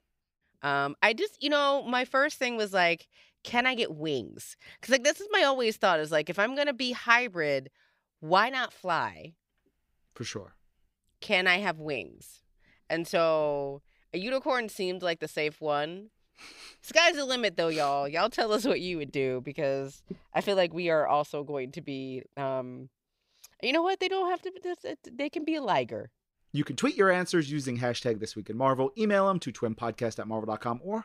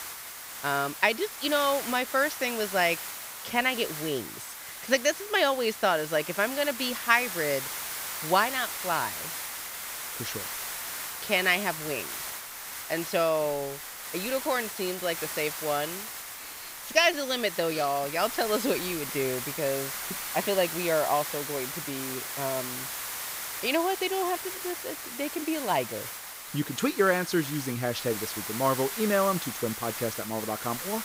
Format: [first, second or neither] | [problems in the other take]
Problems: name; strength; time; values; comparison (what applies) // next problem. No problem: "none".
first | hiss; loud; throughout; 6 dB below the speech